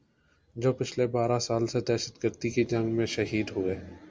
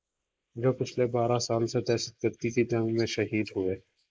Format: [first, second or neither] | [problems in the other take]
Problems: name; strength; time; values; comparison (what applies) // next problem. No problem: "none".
first | noise reduction (neural mask model Resemble Enhance denoiser)